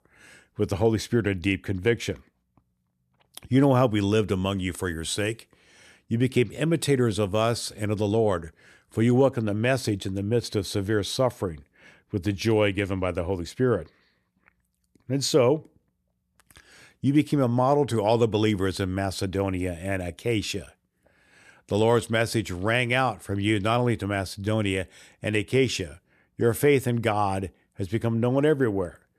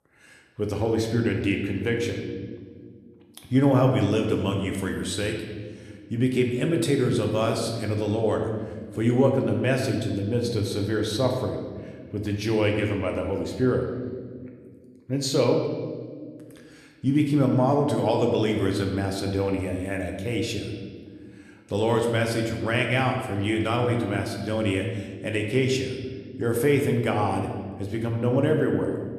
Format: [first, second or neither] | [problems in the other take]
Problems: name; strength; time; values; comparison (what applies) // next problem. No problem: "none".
first | room echo; slight; dies away in 1.5 s